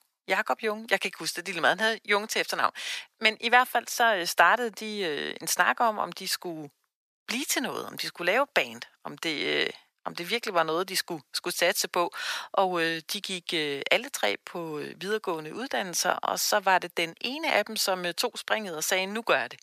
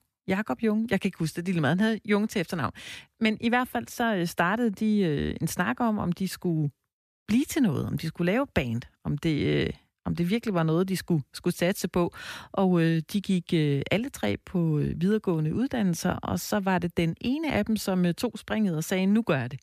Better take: second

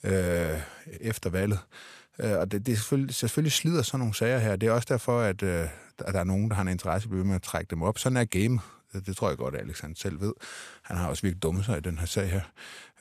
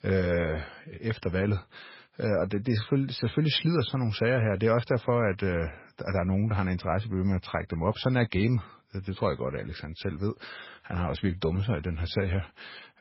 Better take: first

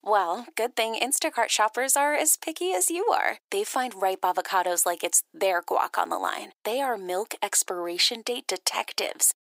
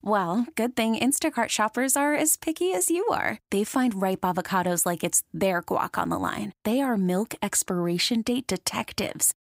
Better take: second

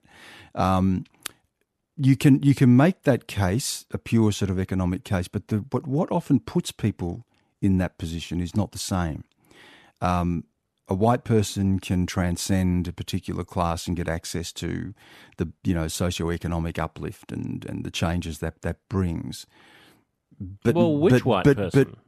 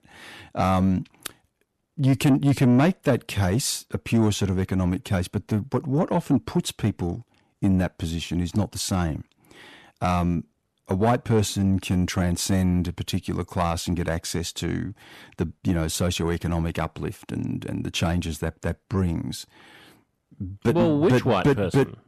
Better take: first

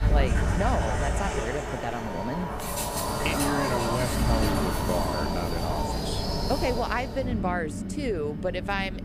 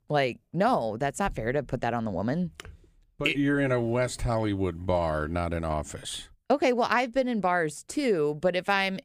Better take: second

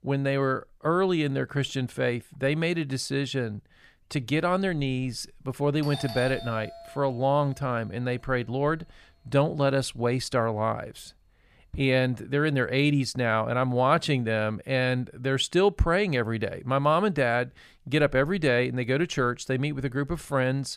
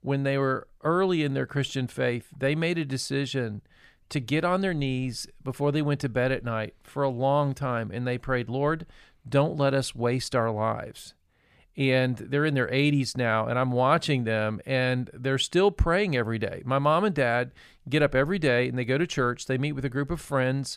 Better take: second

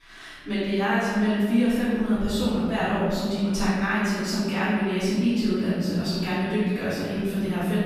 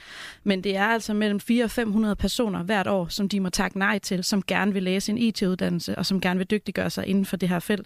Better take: second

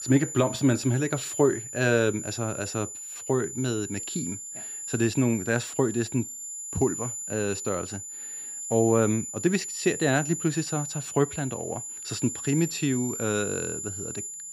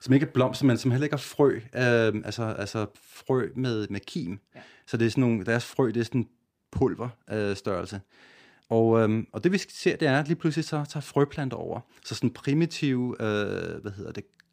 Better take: second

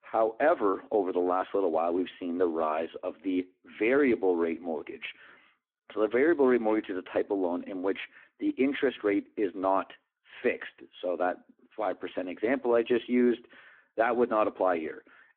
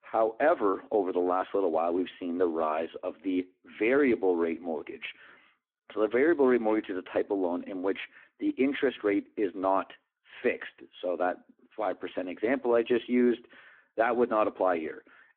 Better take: neither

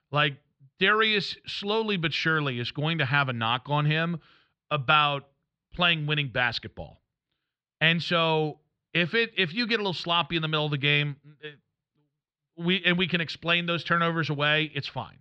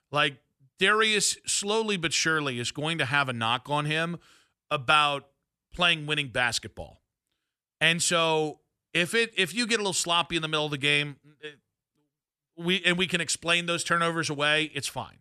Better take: second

